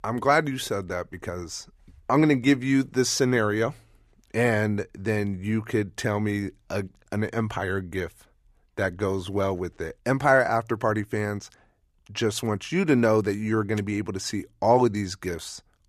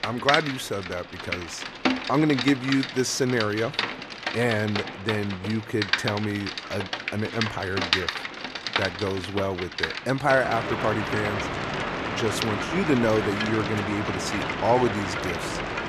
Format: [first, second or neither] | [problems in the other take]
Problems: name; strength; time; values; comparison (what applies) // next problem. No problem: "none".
first | rain or running water; loud; throughout; 2 dB below the speech